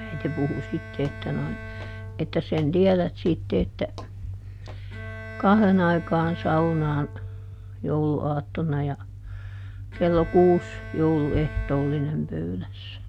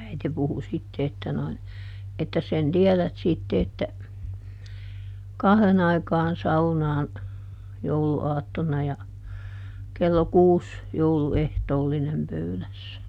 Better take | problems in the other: second | background sound (Bowed string instrument + Walk, footsteps); 18 dB below the speech

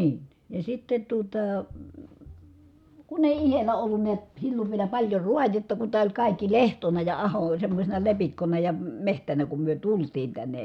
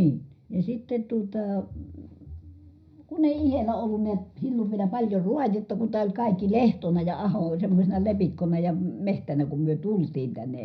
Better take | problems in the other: first | room echo; dies away in 0.4 s

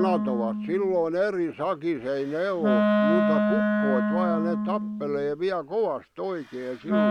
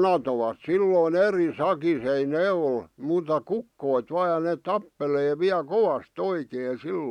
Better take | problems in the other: second | background sound (Wind instrument, woodwind instrument); 1 dB above the speech

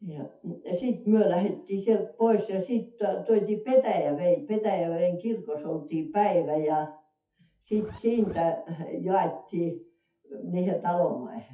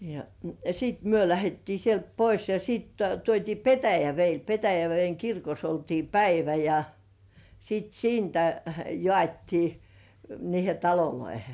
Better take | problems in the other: second | noise reduction (classical method WPE with log-MMSE)

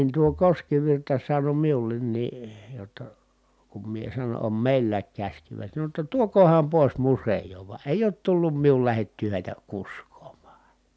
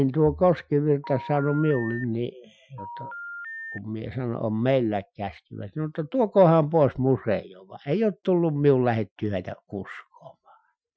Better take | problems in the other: first | noise reduction (classical method Wiener filter)

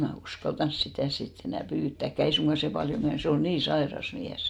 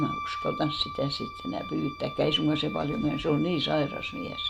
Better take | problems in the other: first | background sound (Wind instrument, woodwind instrument); 10 dB below the speech

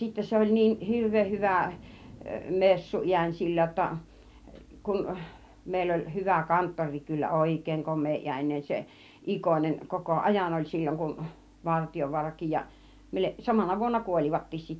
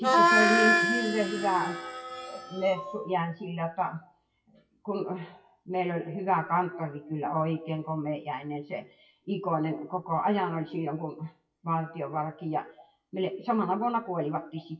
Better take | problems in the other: first | noise reduction (classical method WPE with log-MMSE)

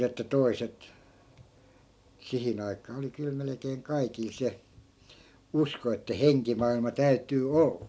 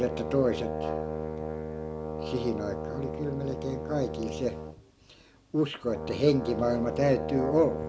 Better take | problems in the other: first | background sound (Brass instrument); 5 dB below the speech

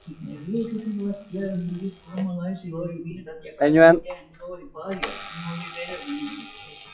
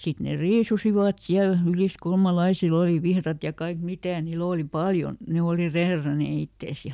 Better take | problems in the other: second | noise reduction (classical method WPE with log-MMSE)

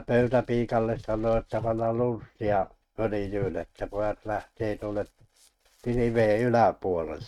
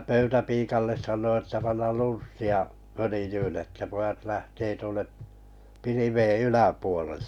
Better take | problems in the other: second | noise reduction (neural mask model RNNoise)

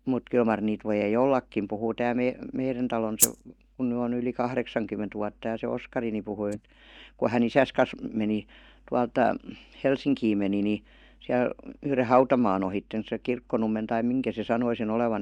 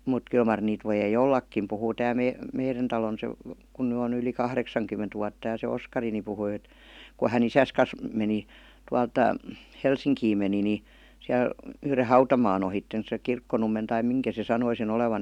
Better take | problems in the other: second | noise reduction (neural mask model DeepFilterNet 3)

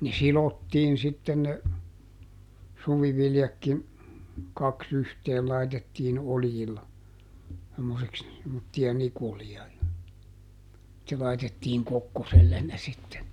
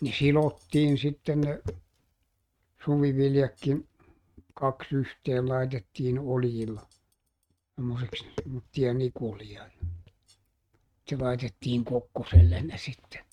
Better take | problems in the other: first | noise reduction (neural mask model RNNoise)

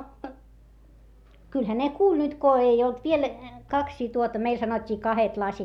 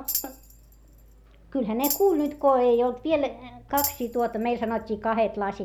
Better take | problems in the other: first | background sound (Tambourine); 10 dB below the speech

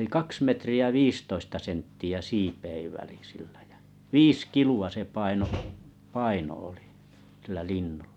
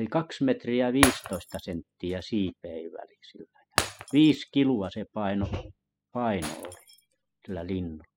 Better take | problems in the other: first | noise reduction (classical method spectral subtraction)

